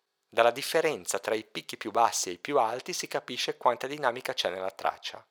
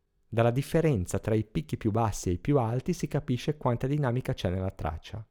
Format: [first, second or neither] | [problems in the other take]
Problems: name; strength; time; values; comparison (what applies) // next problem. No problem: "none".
second | thin; very; fading below 750 Hz